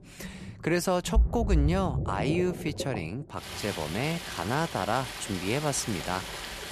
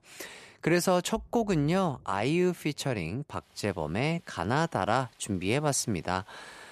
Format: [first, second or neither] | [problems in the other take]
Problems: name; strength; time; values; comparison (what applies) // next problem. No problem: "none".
second | rain or running water; loud; throughout; 3 dB below the speech; faint in the second